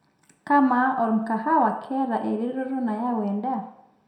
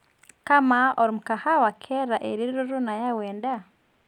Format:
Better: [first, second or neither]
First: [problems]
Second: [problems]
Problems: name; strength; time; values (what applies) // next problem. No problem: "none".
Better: second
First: room echo; dies away in 0.5 s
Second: none